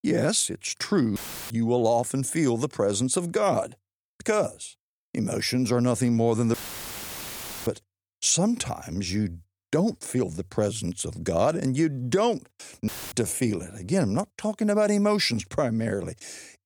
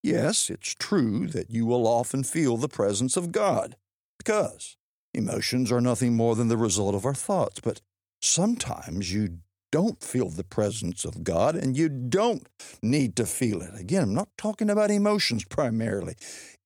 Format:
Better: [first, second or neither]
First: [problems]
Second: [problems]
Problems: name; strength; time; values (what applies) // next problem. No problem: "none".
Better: second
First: audio cutting out; filled with static; at 1 s, at 6.5 s for 1 s and at 13 s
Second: none